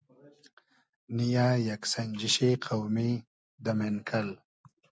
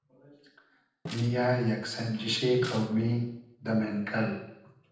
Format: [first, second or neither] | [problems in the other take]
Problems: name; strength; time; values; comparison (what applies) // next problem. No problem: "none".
first | noise reduction (neural separator model SepFormer DNS4)